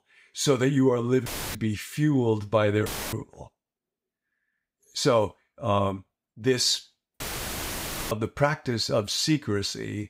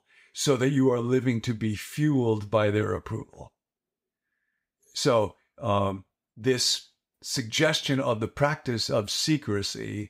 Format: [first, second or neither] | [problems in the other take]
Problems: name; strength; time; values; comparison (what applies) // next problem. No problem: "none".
second | audio cutting out; filled with static; at 1.5 s, at 3 s and at 7 s for 1 s